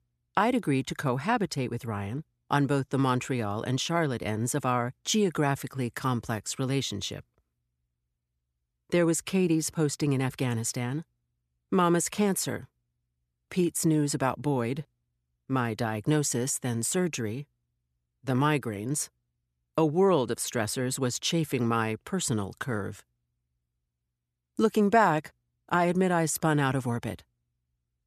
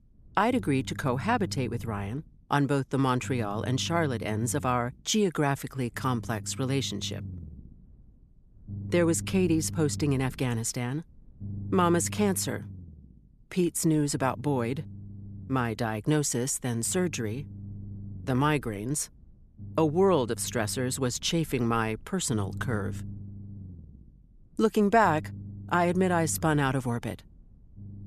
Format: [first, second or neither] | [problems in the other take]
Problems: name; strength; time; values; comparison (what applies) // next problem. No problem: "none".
first | low rumble; faint; throughout; 25 dB below the speech